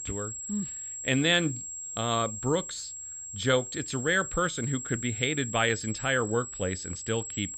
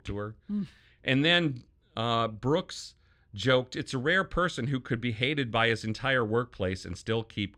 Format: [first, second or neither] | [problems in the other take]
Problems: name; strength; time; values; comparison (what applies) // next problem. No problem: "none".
second | high-pitched whine; loud; throughout; 7.5 kHz, 7 dB below the speech